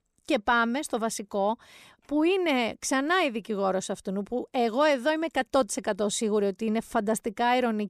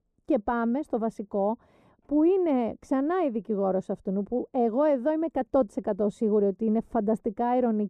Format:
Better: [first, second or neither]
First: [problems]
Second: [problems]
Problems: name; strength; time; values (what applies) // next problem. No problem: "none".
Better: first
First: none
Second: muffled; very; fading above 1.5 kHz